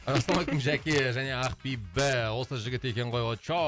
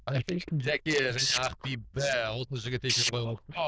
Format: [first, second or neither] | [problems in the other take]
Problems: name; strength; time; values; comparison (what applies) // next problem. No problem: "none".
first | noise reduction (neural diffusion model UNIVERSE++)